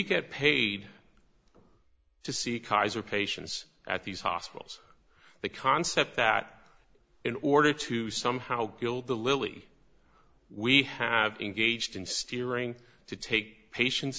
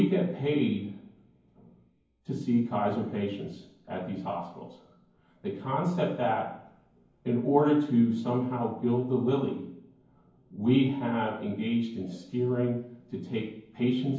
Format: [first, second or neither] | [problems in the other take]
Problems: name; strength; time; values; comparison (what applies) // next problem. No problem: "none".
first | room echo; dies away in 0.9 s